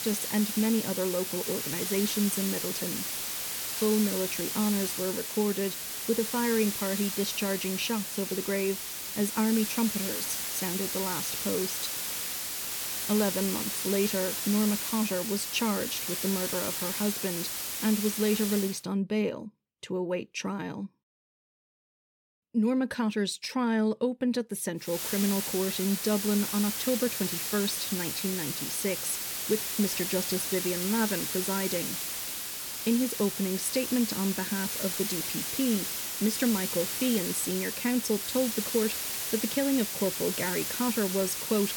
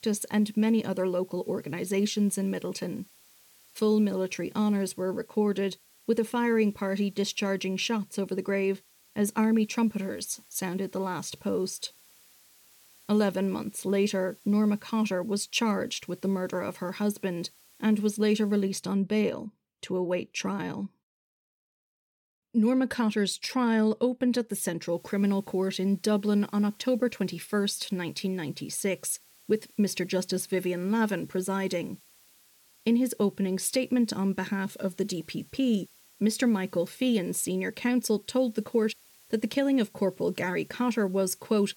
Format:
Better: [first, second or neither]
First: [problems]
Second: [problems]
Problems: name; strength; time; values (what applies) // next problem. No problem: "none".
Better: second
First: hiss; loud; until 19 s and from 25 s on; 1 dB below the speech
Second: hiss; faint; until 19 s and from 25 s on; 25 dB below the speech